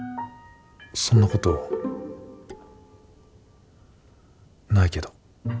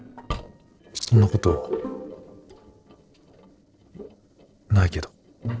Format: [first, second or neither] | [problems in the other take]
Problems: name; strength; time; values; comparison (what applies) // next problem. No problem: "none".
first | noise reduction (neural separator model SepFormer DNS4)